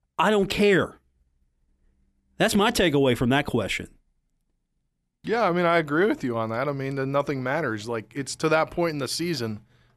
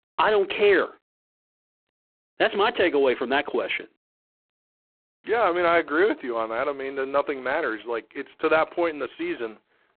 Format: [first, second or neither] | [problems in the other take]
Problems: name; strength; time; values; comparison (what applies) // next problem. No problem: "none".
first | phone-call audio; poor line